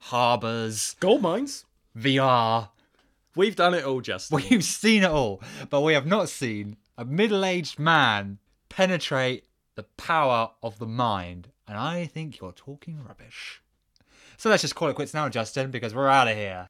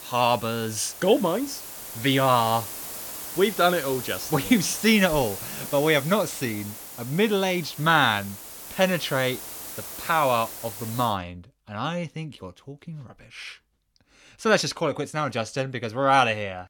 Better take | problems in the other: first | hiss; noticeable; until 11 s; 10 dB below the speech

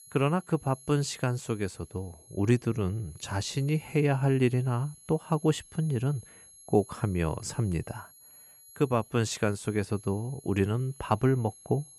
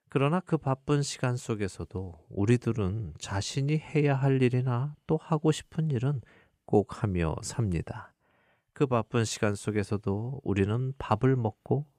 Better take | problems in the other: second | high-pitched whine; faint; throughout; 11 kHz, 20 dB below the speech

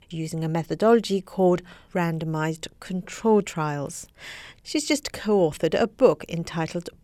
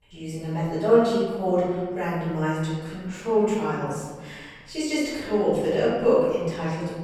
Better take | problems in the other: first | off-mic speech; far // room echo; strong; dies away in 1.3 s

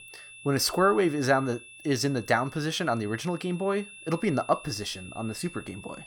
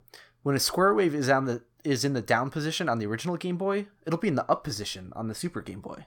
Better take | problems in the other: second | high-pitched whine; noticeable; throughout; 2.5 kHz, 15 dB below the speech

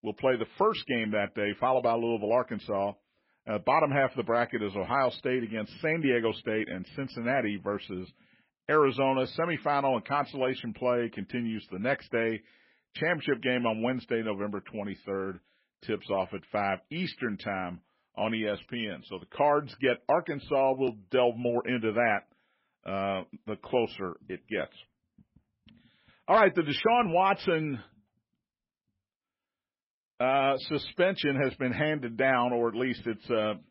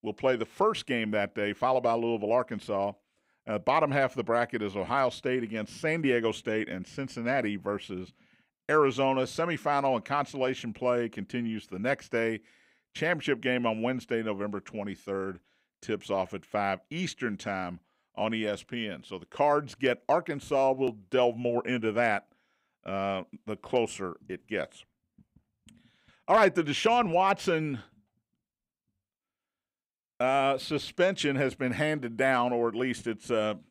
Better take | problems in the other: second | garbled, watery; badly; nothing above 5.5 kHz

